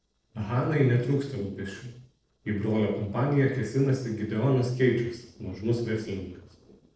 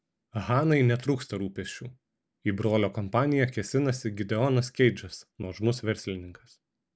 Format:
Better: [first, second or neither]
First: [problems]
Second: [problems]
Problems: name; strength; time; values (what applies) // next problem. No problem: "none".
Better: second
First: noise reduction (neural separator model SepFormer DNS4)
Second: none